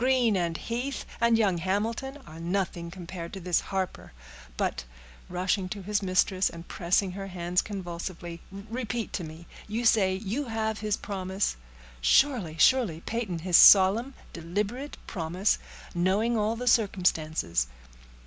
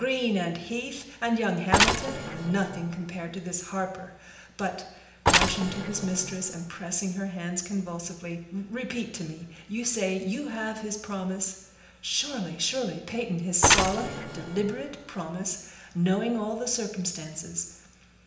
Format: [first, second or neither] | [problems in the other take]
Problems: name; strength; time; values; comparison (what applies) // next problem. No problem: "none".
first | background sound (Mechanisms); 3 dB above the speech // room echo; dies away in 0.8 s